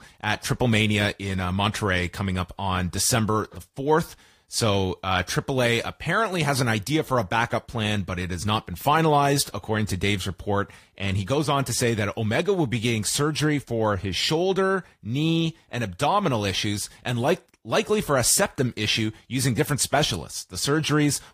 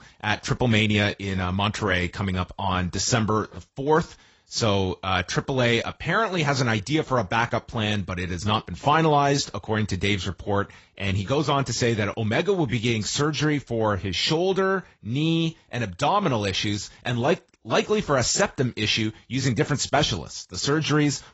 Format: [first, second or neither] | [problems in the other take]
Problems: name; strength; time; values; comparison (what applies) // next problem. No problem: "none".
first | garbled, watery; badly; nothing above 7.5 kHz; slightly in the first